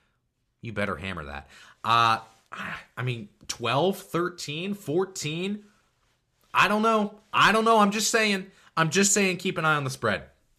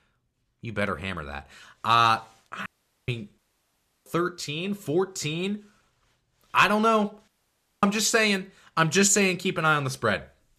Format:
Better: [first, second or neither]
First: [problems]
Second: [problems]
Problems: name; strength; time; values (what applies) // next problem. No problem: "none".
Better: first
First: none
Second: audio cutting out; at 2.5 s, at 3.5 s for 0.5 s and at 7.5 s for 0.5 s